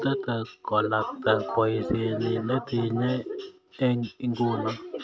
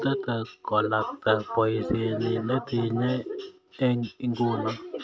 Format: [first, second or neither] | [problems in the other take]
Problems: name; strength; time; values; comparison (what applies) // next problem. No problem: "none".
second | background sound (Ringtone / Chime); 12 dB below the speech